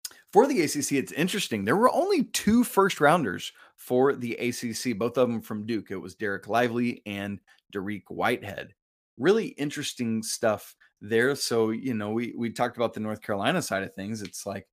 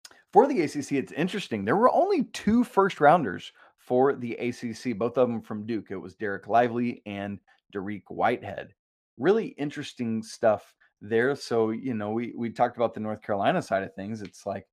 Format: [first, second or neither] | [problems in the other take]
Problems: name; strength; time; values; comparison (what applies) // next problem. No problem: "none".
first | muffled; slightly; fading above 2.5 kHz